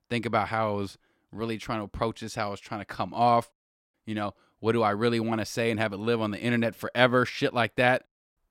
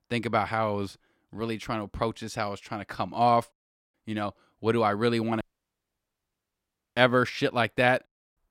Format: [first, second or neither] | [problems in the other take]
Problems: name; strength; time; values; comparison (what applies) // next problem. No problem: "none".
first | audio cutting out; at 5.5 s for 1.5 s